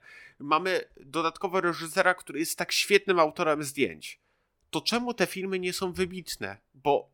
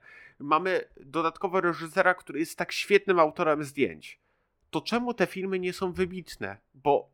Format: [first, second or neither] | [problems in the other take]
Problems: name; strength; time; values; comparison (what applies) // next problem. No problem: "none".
first | muffled; slightly; fading above 3 kHz